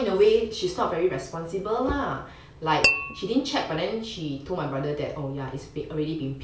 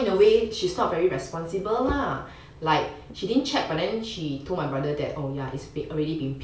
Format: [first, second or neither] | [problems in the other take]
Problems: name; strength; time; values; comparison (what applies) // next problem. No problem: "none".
second | background sound (Tap / Glass); 1 dB below the speech